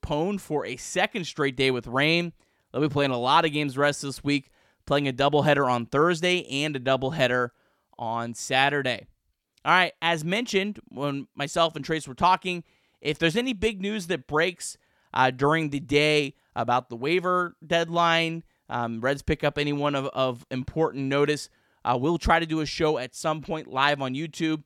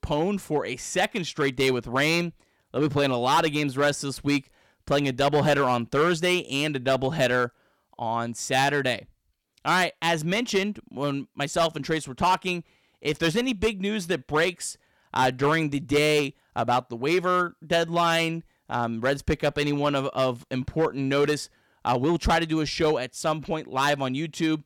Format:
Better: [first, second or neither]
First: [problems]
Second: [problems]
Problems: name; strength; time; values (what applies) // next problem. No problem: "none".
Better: first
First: none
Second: distortion; slight; 4% of the sound clipped